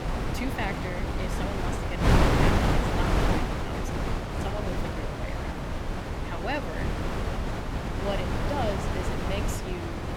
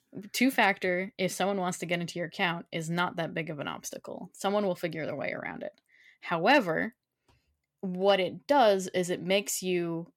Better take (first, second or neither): second